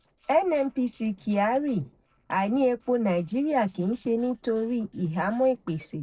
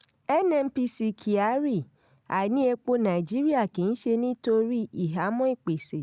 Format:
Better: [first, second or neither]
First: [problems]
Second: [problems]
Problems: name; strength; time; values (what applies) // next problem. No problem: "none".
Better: second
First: noise reduction (neural separator model SepFormer DNS4)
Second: none